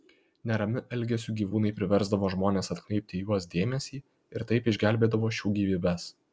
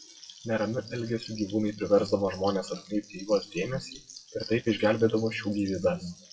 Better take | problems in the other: first | noise reduction (classical method WPE with log-MMSE)

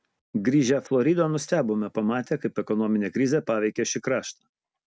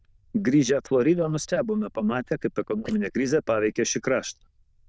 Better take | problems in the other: first | noise reduction (neural diffusion model UNIVERSE++)

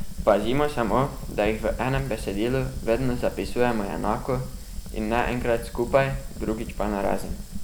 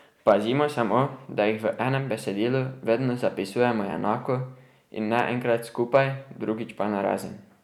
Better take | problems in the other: second | background sound (Fire); 6 dB below the speech

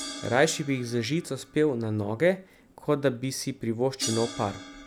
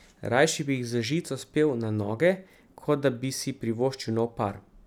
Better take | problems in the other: second | background sound (Crash cymbal); 14 dB below the speech

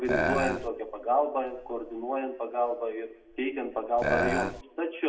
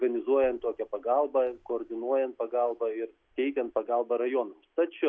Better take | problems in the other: second | background sound (Burping, eructation); 2 dB above the speech // room echo; dies away in 0.7 s

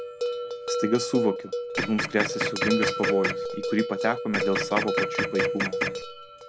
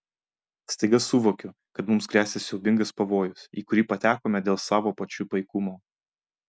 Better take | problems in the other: second | background sound (Bell + Printer); 1 dB above the speech

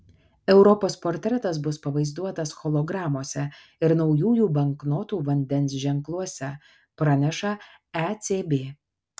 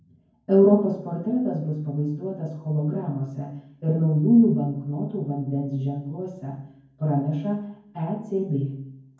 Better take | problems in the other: first | room echo; dies away in 0.9 s

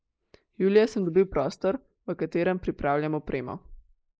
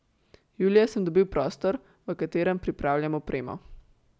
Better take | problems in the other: second | noise reduction (neural mask model Resemble Enhance denoiser)

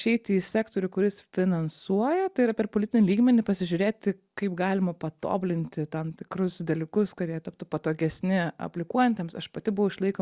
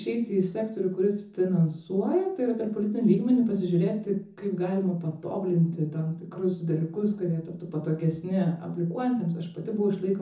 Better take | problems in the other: first | room echo; dies away in 0.5 s

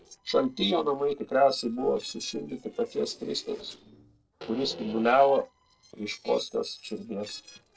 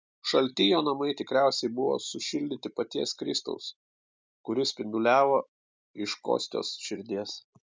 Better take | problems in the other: second | noise reduction (neural separator model SepFormer DNS4)

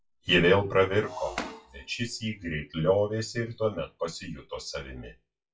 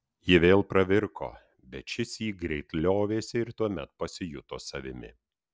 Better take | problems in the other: second | noise reduction (classical method WPE with log-MMSE)

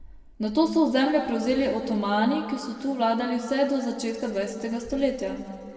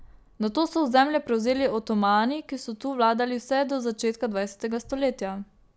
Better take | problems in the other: second | room echo; dies away in 2 s

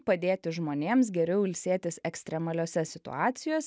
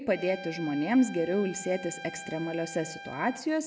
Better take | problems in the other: first | background sound (Trumpet); 14 dB below the speech // room echo; dies away in 0.7 s

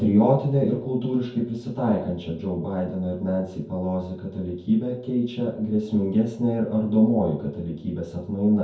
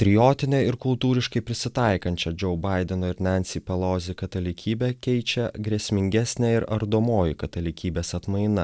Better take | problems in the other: second | room echo; dies away in 0.6 s

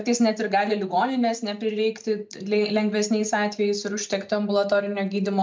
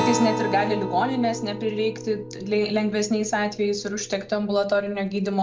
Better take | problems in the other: first | background sound (Acoustic guitar); 8 dB below the speech

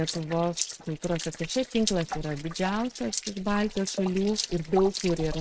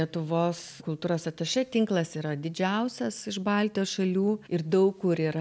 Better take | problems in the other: second | noise reduction (neural mask model RNNoise)

